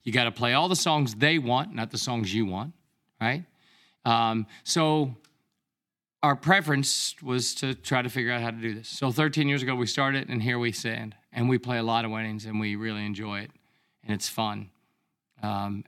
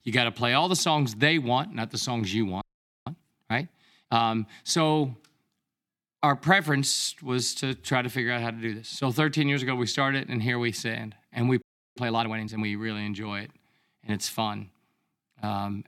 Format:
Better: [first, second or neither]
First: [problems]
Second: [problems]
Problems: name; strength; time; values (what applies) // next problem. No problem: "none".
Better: first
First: none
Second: audio freezing; at 2.5 s and at 12 s